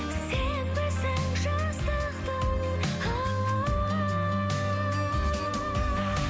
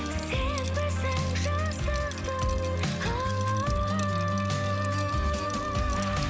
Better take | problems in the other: first | background sound (Liquid); 19 dB below the speech

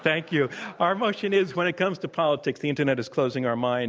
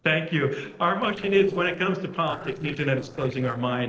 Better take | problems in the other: first | noise reduction (neural separator model SepFormer DNS4)

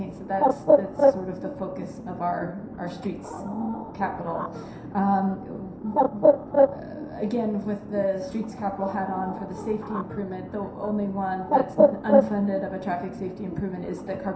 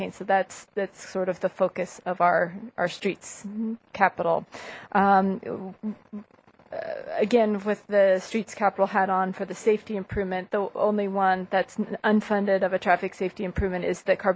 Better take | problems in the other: second | background sound (Bird); 3 dB above the speech // room echo; dies away in 0.7 s

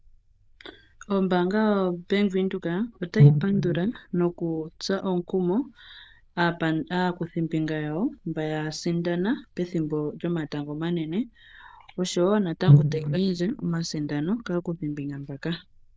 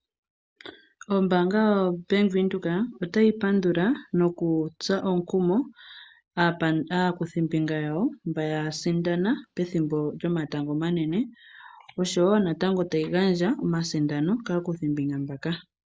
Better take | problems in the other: second | noise reduction (neural diffusion model UNIVERSE++)

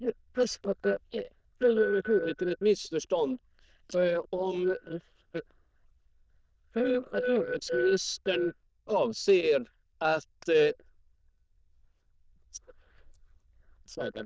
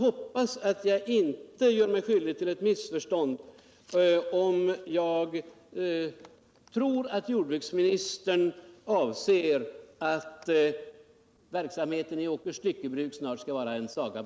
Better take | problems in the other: second | noise reduction (neural diffusion model UNIVERSE++)

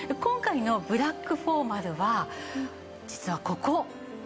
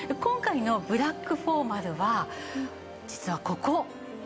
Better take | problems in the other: first | background sound (Bowed string instrument + Brass instrument); 20 dB below the speech

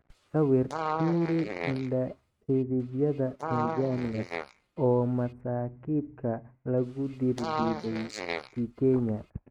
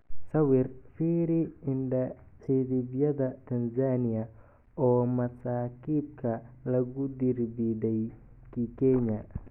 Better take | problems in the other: second | noise reduction (neural mask model RNNoise)

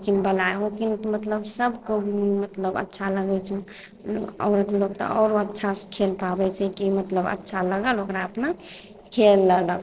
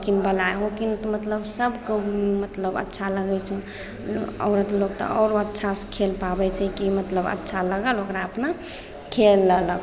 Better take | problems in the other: second | noise reduction (neural separator model SepFormer DNS4)

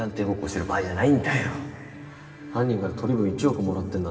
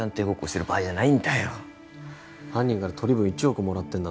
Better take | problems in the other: second | room echo; dies away in 2.6 s

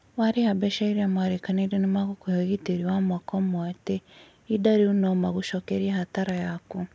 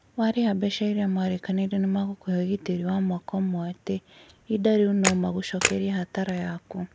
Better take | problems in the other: first | background sound (Camera); 5 dB below the speech

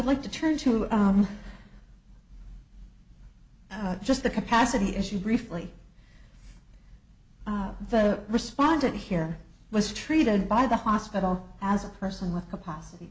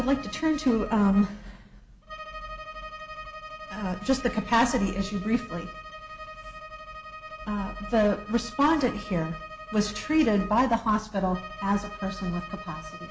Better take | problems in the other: first | background sound (Bowed string instrument); 14 dB below the speech

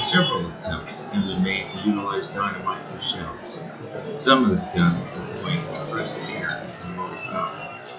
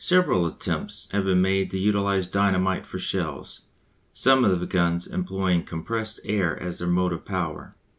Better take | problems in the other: second | noise reduction (classical method log-MMSE)

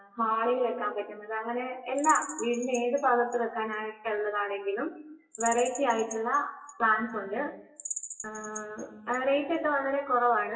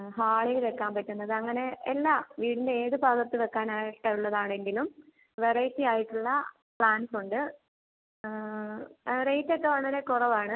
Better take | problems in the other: second | noise reduction (classical method WPE with log-MMSE)

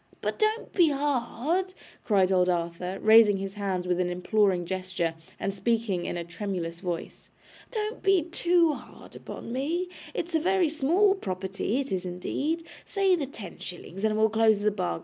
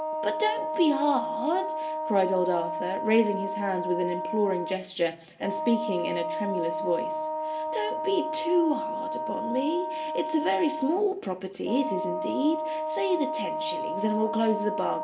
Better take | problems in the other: first | background sound (Wind instrument, woodwind instrument); 3 dB below the speech // room echo; dies away in 0.7 s

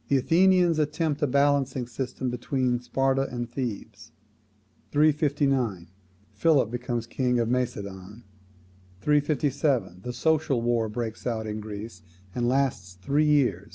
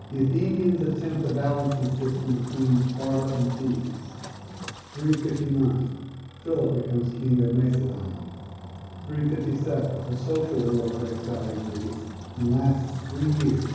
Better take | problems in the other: first | background sound (Engine); 15 dB below the speech // room echo; dies away in 1.3 s

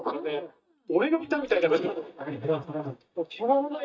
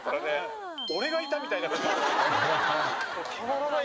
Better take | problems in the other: second | noise reduction (neural mask model DeepFilterNet 3)

